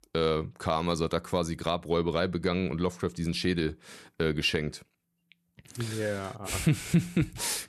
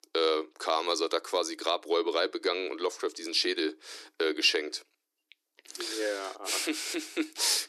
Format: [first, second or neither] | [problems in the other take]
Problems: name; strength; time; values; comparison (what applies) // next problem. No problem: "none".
first | thin; very; fading below 300 Hz